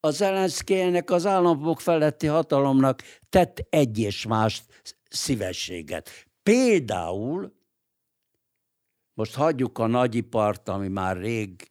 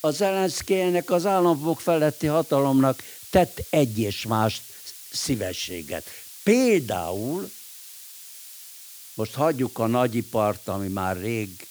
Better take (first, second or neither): first